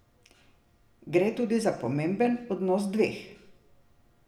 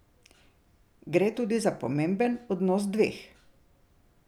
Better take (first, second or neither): second